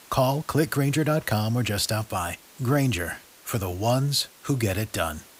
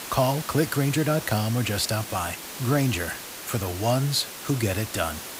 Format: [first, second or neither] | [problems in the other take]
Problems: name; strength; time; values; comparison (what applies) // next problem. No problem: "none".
first | hiss; loud; throughout; 9 dB below the speech; faint in the first